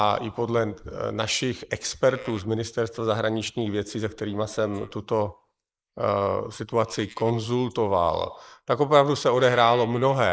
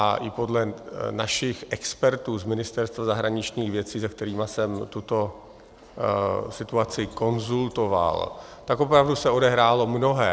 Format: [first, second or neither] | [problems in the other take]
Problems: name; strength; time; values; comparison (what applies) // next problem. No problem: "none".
second | noise reduction (neural mask model Resemble Enhance denoiser)